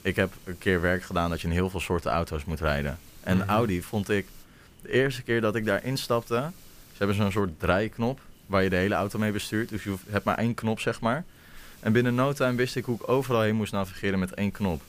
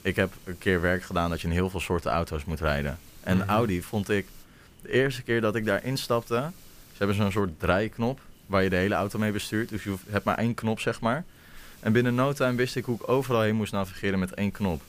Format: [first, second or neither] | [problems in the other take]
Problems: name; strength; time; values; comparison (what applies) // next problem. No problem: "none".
neither | hiss; faint; throughout; 25 dB below the speech; the same in both